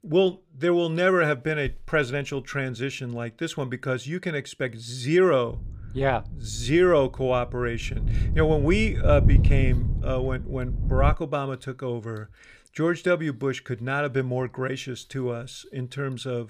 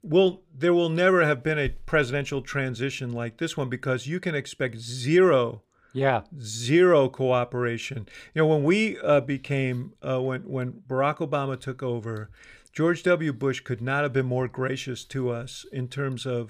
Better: second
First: wind noise on the microphone; occasional gusts; from 5.5 to 11 s; 15 dB below the speech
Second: none

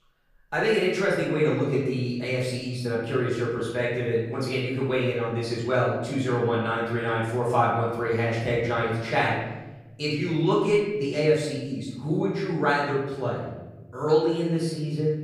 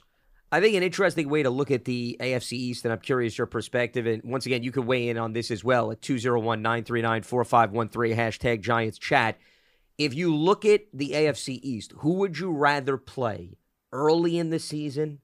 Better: second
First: off-mic speech; far // room echo; noticeable; dies away in 1.1 s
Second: none

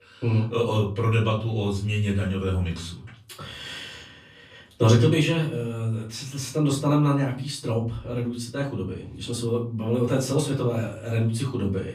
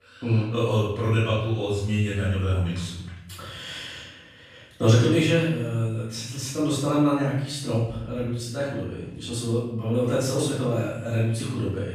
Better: first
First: room echo; slight; dies away in 0.4 s // off-mic speech; far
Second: room echo; strong; dies away in 0.8 s // off-mic speech; far

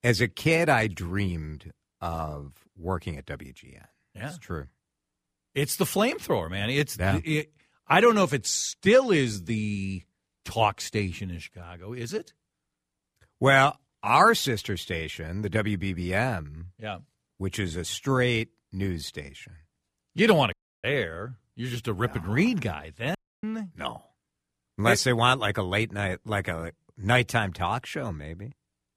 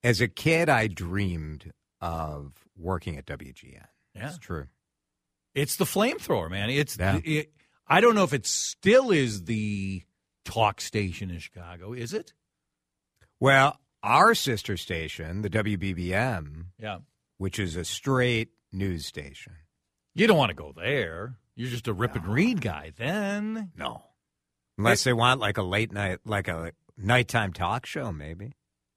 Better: second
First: audio cutting out; at 21 s and at 23 s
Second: none

